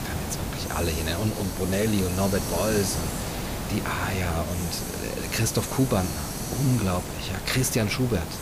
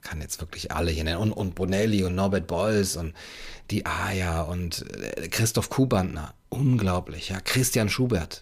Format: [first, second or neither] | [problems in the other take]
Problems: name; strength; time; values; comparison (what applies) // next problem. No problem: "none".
second | hiss; loud; throughout; 4 dB below the speech